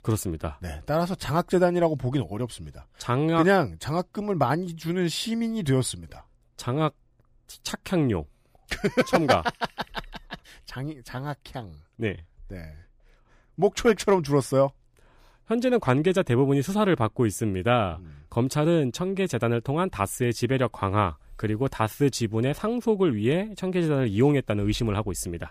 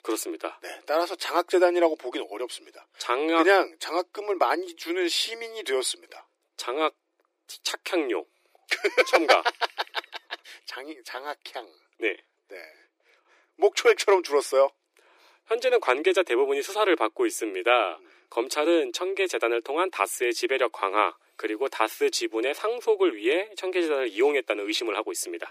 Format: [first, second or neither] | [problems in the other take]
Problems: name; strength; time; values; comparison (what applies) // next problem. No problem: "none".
first | thin; very; fading below 350 Hz